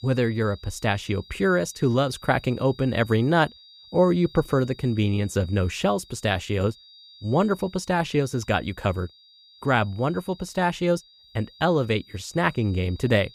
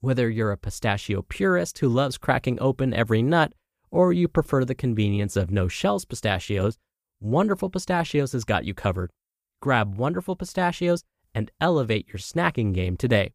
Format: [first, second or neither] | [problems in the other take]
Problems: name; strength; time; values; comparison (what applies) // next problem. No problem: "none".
second | high-pitched whine; faint; throughout; 4 kHz, 25 dB below the speech